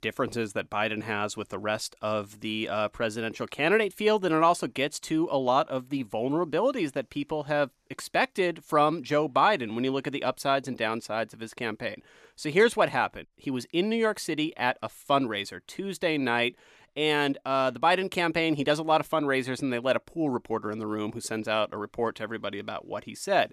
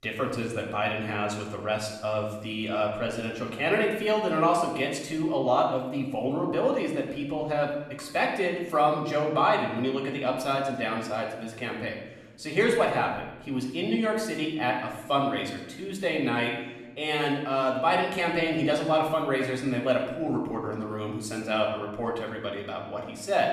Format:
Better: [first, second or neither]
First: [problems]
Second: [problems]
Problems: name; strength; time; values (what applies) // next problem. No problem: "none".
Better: first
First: none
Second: off-mic speech; somewhat distant // room echo; noticeable; dies away in 0.9 s